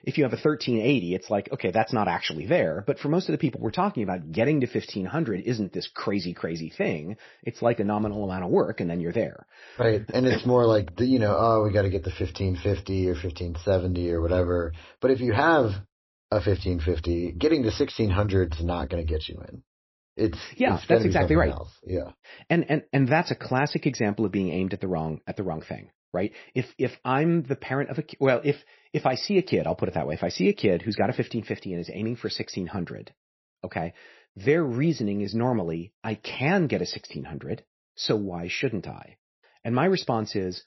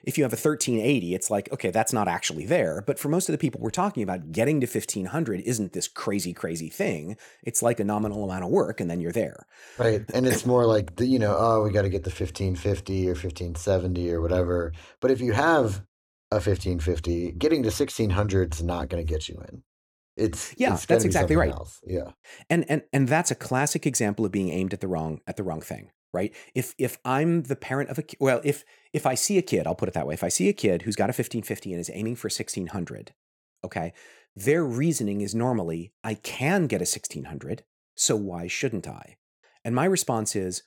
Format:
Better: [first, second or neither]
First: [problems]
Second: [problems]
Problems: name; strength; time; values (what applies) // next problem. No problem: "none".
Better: second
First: garbled, watery; slightly; nothing above 5.5 kHz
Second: none